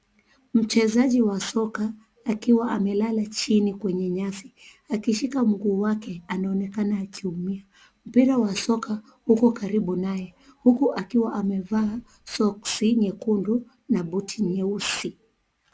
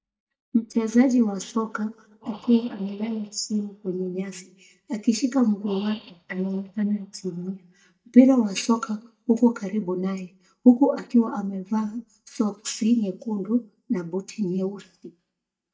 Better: first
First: none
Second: noise reduction (neural mask model DeepFilterNet 3)

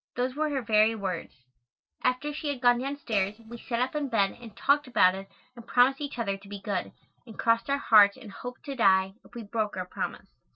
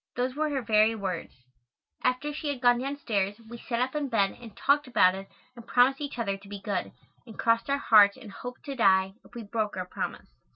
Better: second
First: noise reduction (neural separator model SepFormer DNS4)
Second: none

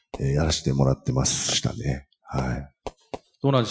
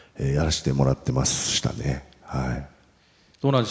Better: second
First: noise reduction (classical method Wiener filter)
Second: none

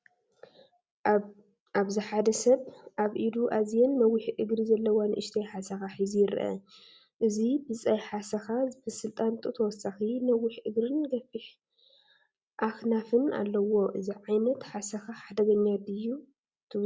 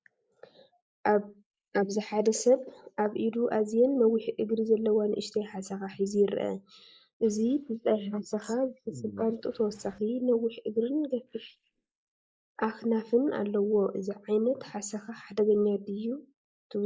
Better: first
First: none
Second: noise reduction (neural mask model Resemble Enhance denoiser)

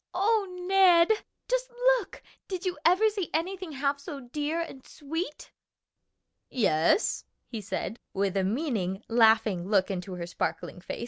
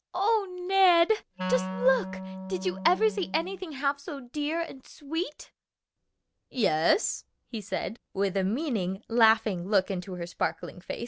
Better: first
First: none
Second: background sound (Wind instrument, woodwind instrument); 8 dB below the speech

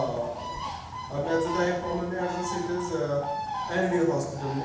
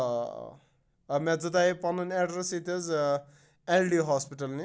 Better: second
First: background sound (Bird); 7 dB below the speech // room echo; dies away in 0.8 s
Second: none

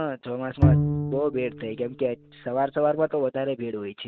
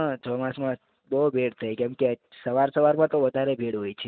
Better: second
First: background sound (Bowed string instrument); 1 dB above the speech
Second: none

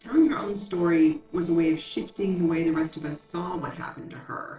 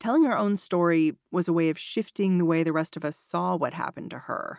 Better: second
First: noise reduction (neural separator model SepFormer DNS4)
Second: none

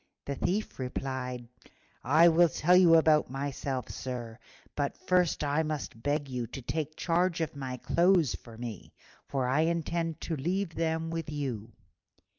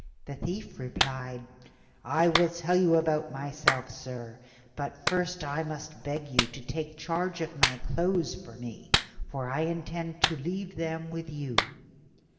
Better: first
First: none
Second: background sound (Clapping); 3 dB below the speech // room echo; dies away in 1.9 s

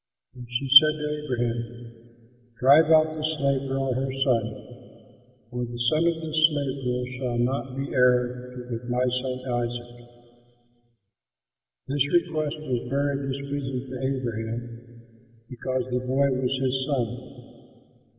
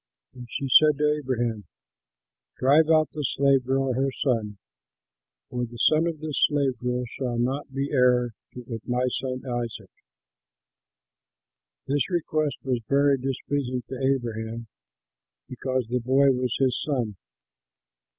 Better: second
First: room echo; dies away in 2.4 s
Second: none

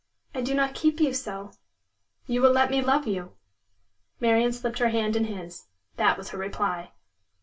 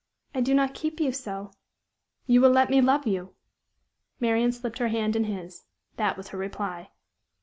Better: second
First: room echo; dies away in 0.2 s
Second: none

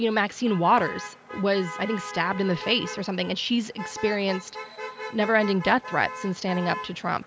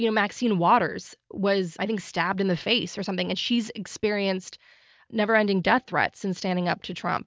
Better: second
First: background sound (Motor vehicle (road)); 12 dB below the speech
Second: none

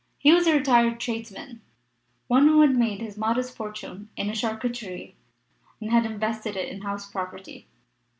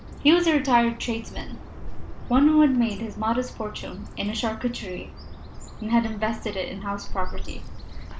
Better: first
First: none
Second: background sound (Bird); 7 dB below the speech

